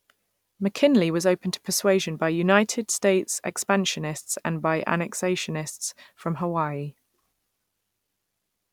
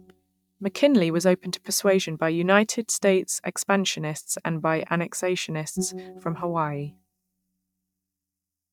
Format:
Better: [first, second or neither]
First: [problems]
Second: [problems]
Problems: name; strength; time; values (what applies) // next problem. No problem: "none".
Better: first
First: none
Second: noise reduction (neural mask model DeepFilterNet 3)